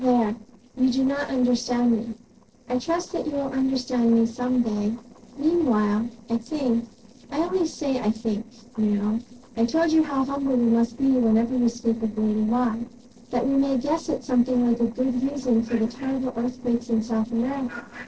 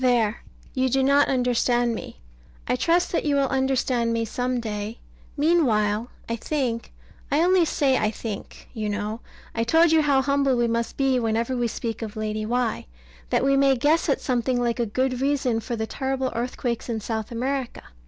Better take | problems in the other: second | noise reduction (neural separator model SepFormer DNS4)

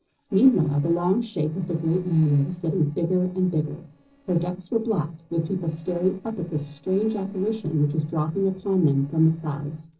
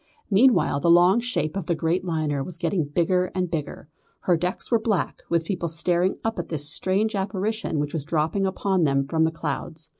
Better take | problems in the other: second | noise reduction (neural separator model SepFormer DNS4)

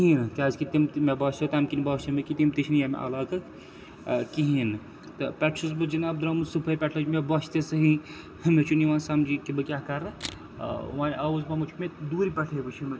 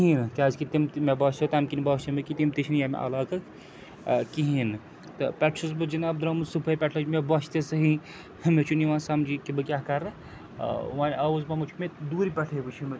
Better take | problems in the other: second | background sound (Camera); 15 dB below the speech // room echo; dies away in 0.5 s

